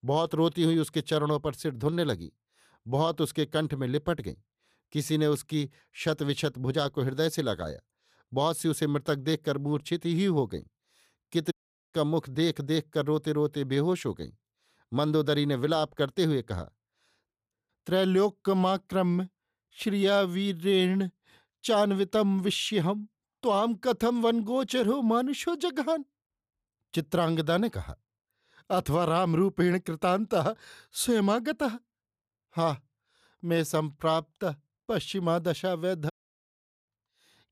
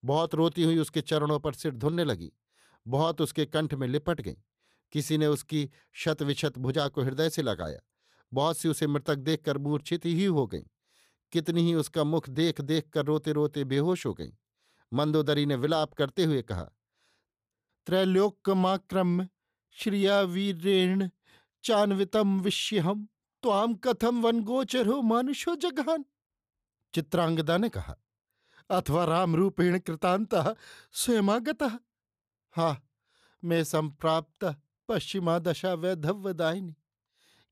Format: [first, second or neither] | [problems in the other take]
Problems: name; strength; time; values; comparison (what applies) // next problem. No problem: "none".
second | audio cutting out; at 12 s and at 36 s for 1 s